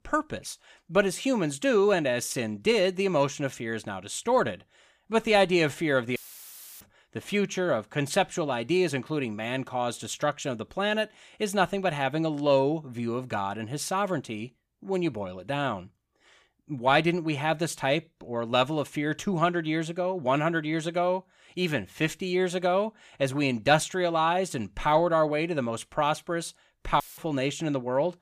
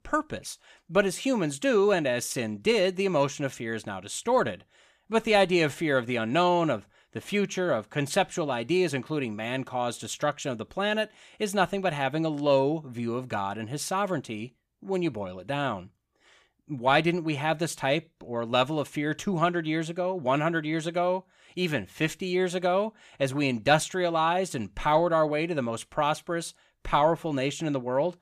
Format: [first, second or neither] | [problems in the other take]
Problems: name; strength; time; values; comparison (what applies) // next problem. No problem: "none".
second | audio cutting out; filled with static; at 6 s for 0.5 s and at 27 s